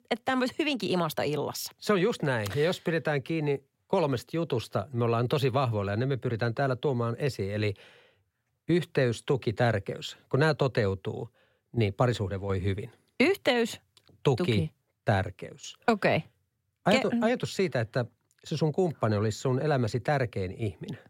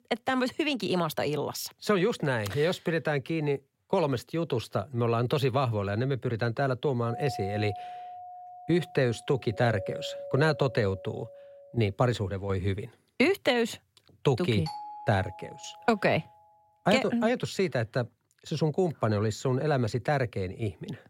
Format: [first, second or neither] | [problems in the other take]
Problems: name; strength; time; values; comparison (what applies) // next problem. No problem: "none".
first | doorbell; noticeable; from 7 to 12 s; peak 9 dB below the speech // doorbell; faint; from 15 to 16 s; peak 10 dB below the speech